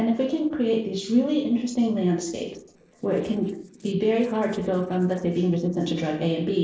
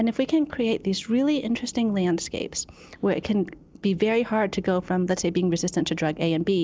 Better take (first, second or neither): second